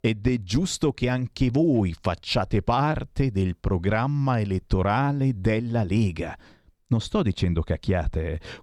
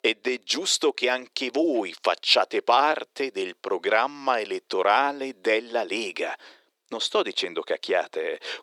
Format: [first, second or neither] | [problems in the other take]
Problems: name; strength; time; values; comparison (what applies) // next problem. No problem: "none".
first | thin; very; fading below 350 Hz